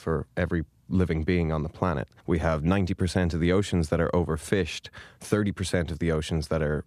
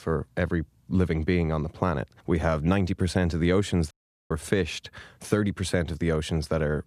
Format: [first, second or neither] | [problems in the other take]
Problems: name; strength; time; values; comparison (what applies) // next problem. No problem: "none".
first | audio cutting out; at 4 s